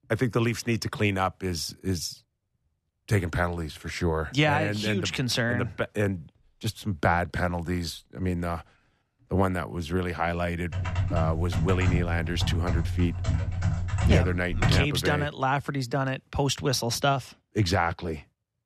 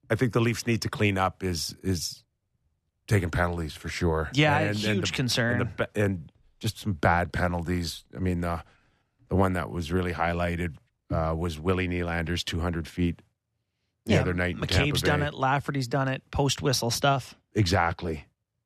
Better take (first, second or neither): second